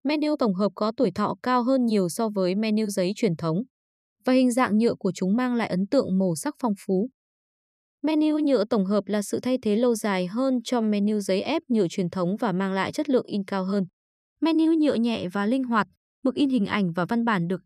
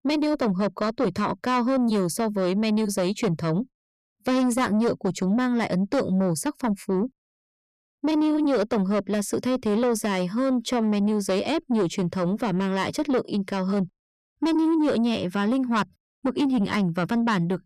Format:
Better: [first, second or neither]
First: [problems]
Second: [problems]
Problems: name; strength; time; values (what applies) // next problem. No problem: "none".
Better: first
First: none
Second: distortion; slight; 10 dB below the speech